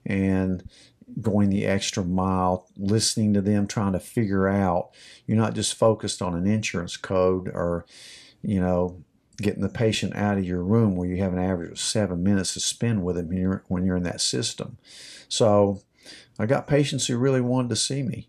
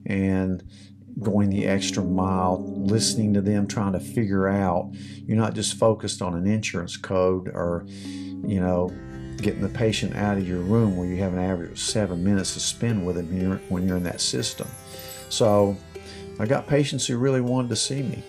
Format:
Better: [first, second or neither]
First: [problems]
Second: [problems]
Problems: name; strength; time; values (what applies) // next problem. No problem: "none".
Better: first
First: none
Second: background music; noticeable; throughout; 15 dB below the speech